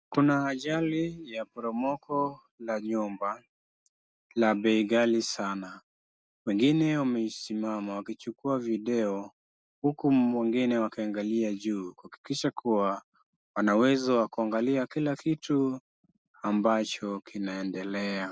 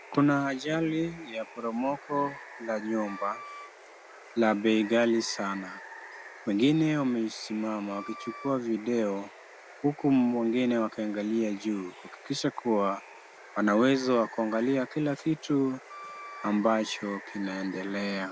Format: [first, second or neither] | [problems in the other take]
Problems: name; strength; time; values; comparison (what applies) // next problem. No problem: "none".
first | background sound (Water + Wind instrument, woodwind instrument); 17 dB below the speech